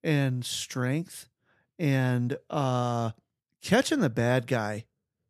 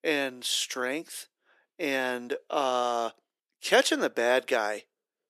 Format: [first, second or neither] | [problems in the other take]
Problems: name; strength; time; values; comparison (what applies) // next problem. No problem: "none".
first | thin; very; fading below 350 Hz